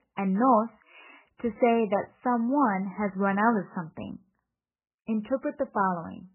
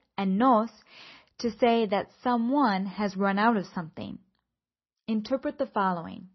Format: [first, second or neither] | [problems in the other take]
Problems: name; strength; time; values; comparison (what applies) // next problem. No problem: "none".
second | garbled, watery; badly; nothing above 2.5 kHz; slightly in the second